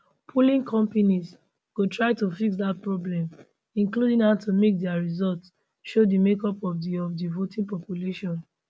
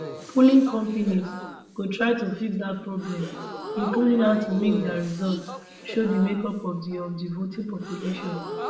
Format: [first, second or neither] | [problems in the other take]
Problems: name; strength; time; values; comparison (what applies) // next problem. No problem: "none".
first | background sound (Crowd / Gasp); 11 dB below the speech // room echo; dies away in 0.8 s